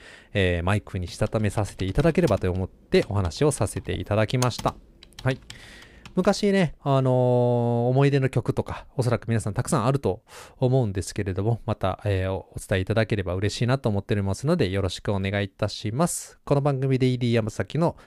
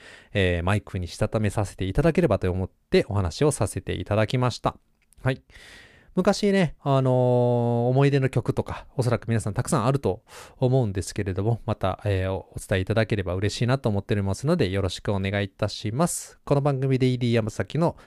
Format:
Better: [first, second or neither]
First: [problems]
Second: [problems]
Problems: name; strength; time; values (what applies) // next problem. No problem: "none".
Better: second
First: keyboard typing; noticeable; from 1 to 6 s; peak 9 dB below the speech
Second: none